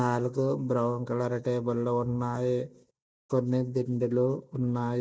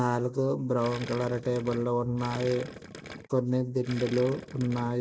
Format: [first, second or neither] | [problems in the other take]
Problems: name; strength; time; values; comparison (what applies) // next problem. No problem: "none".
first | background sound (Gurgling); 14 dB below the speech